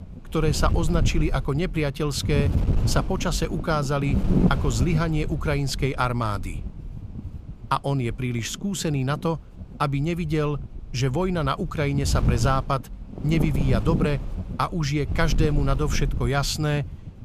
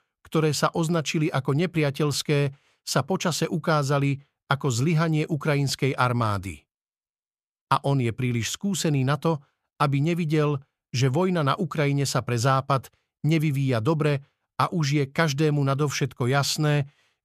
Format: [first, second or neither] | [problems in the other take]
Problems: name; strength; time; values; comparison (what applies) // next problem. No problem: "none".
second | wind noise on the microphone; occasional gusts; 10 dB below the speech